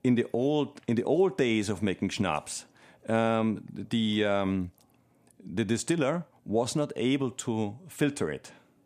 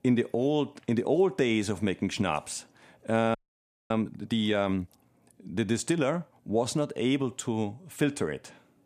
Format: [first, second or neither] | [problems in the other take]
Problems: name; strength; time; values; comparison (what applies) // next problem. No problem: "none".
first | audio freezing; at 3.5 s for 0.5 s